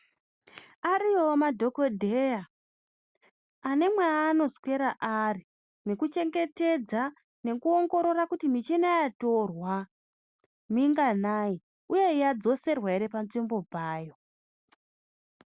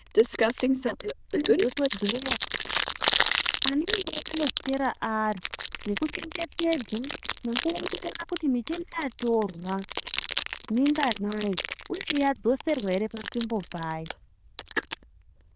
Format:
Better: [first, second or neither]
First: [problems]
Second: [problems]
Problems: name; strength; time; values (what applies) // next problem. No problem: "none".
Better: first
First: none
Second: noise reduction (neural diffusion model UNIVERSE++)